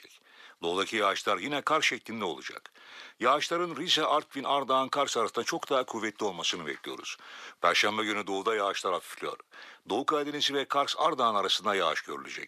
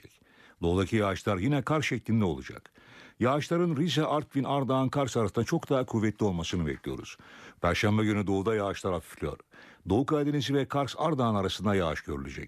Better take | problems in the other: second | thin; very; fading below 500 Hz

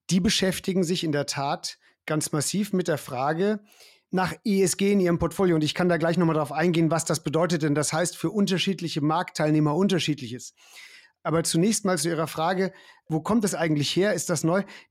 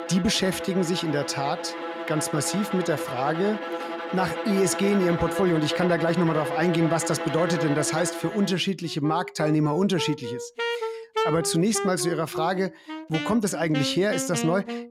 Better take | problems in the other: first | background music; loud; throughout; 6 dB below the speech

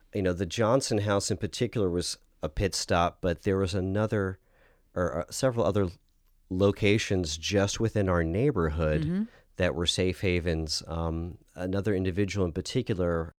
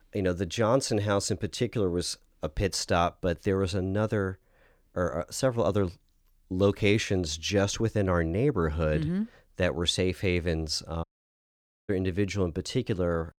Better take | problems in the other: first | audio cutting out; at 11 s for 1 s

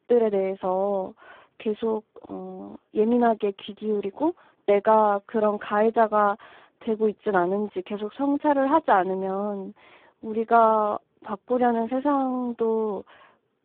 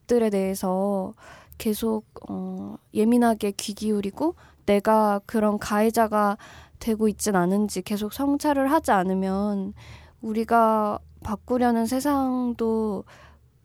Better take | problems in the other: second | phone-call audio; poor line

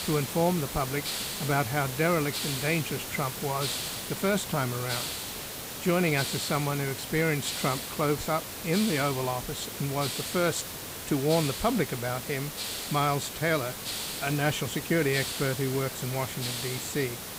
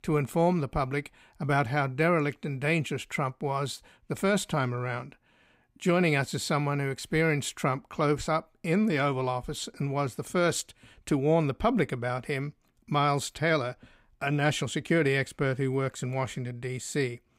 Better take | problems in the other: second | hiss; loud; throughout; 4 dB below the speech

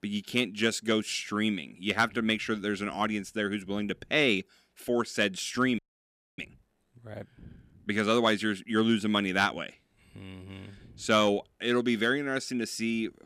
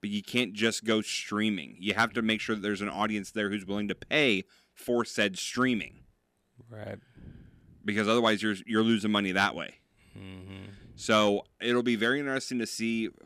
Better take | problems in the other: second | audio freezing; at 6 s for 0.5 s

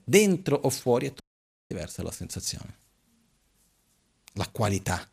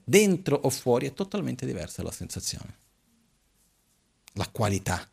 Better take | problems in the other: second | audio cutting out; at 1 s for 0.5 s

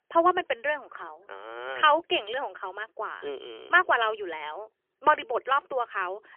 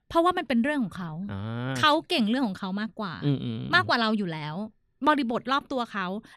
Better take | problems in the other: second | phone-call audio; poor line; nothing above 3 kHz

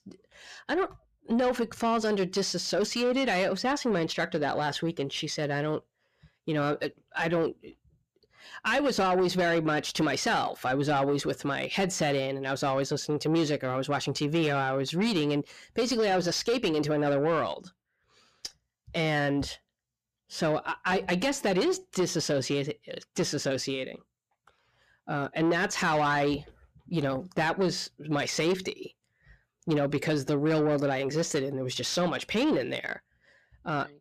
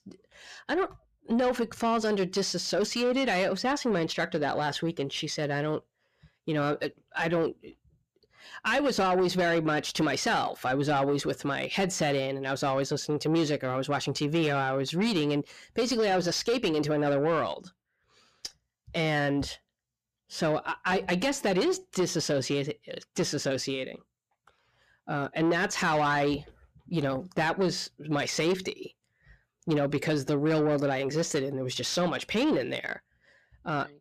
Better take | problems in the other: neither | distortion; slight; 10 dB below the speech; the same in both

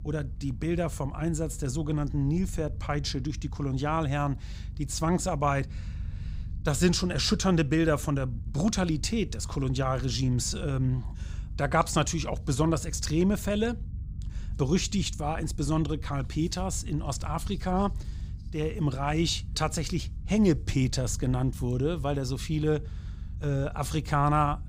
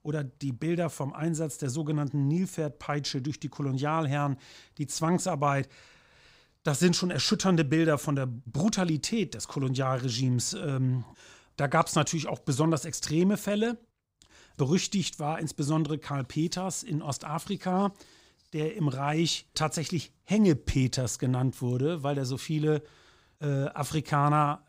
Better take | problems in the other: second | low rumble; faint; throughout; 25 dB below the speech

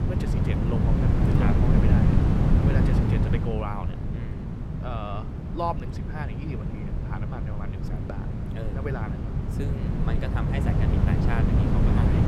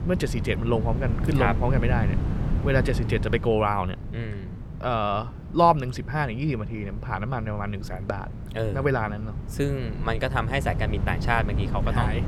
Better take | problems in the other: second | wind noise on the microphone; heavy; 2 dB above the speech; occasional gusts in the second

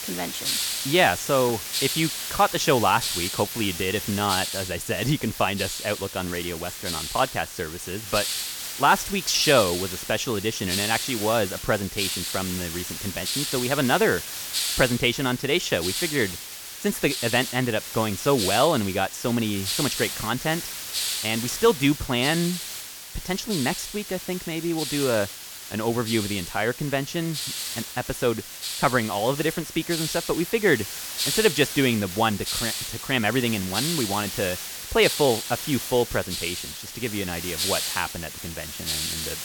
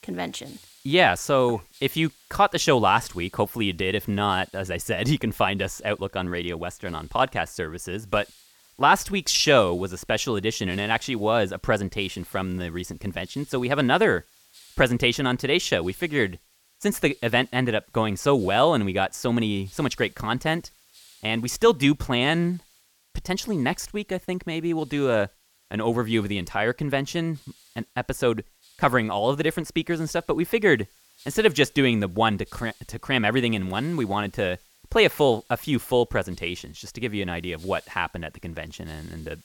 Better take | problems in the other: second | hiss; loud; throughout; 4 dB below the speech; faint in the second

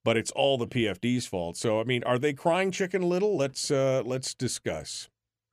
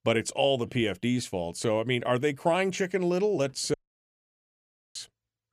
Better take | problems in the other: first | audio cutting out; at 3.5 s for 1 s

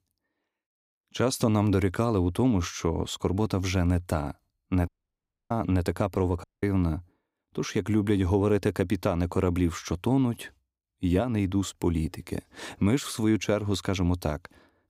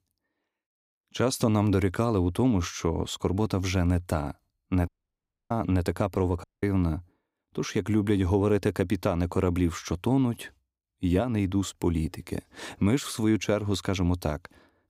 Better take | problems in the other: neither | audio cutting out; at 5 s for 0.5 s and at 6.5 s; the same in both

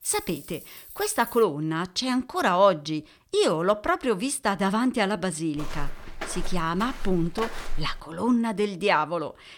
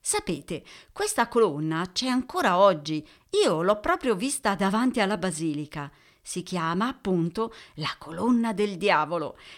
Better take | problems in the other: second | jangling keys; faint; until 1.5 s; peak 10 dB below the speech // footsteps; faint; from 5.5 to 8 s; peak 10 dB below the speech

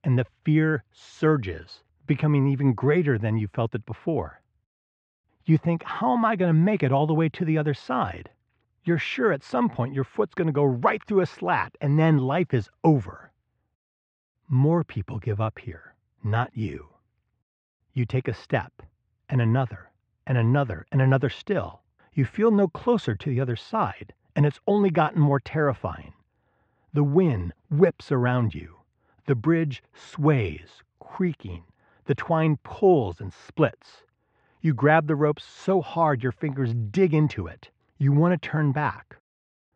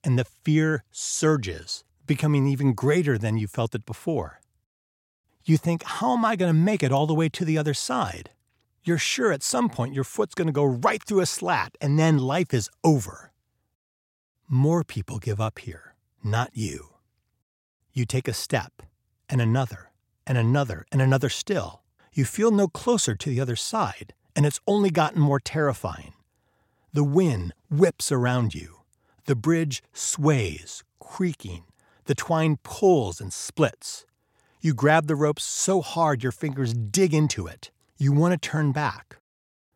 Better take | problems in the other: second | muffled; very; fading above 2.5 kHz

